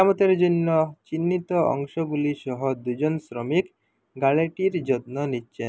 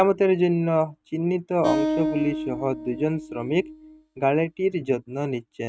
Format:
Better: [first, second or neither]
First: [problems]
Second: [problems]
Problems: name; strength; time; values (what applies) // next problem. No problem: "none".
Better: first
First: none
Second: noise reduction (neural mask model RNNoise)